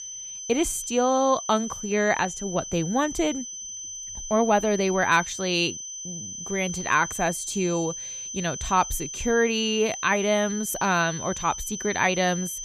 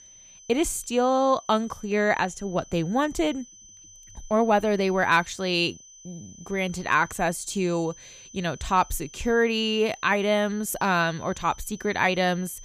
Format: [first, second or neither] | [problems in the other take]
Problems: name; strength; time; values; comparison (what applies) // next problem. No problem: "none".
second | high-pitched whine; loud; throughout; 6 kHz, 8 dB below the speech; faint in the second